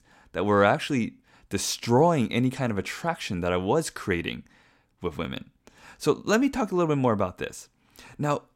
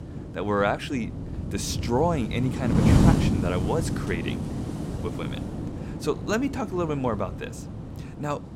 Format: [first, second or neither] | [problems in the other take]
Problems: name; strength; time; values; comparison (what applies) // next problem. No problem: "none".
first | wind noise on the microphone; heavy; 5 dB below the speech